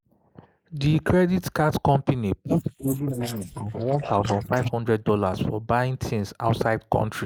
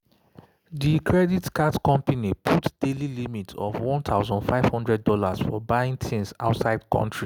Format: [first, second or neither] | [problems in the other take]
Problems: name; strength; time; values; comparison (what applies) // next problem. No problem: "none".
second | noise reduction (neural mask model Resemble Enhance denoiser)